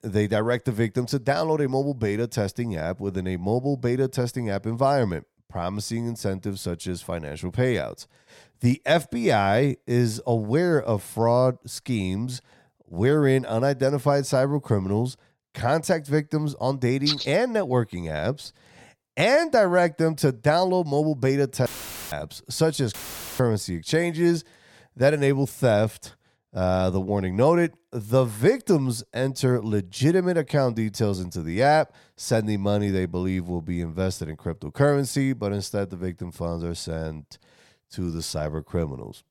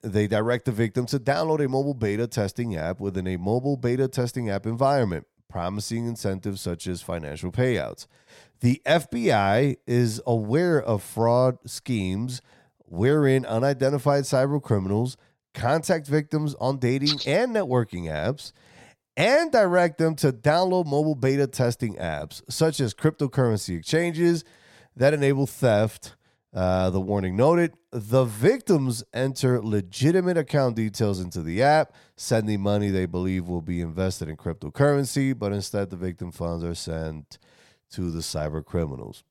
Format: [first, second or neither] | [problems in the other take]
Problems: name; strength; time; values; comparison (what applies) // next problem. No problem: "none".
second | audio cutting out; filled with static; at 22 s and at 23 s